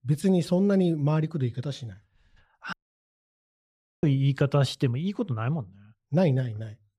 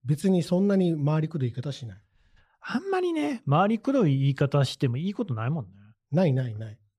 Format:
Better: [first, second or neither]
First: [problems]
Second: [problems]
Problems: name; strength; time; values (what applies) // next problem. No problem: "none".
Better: second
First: audio cutting out; at 2.5 s for 1.5 s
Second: none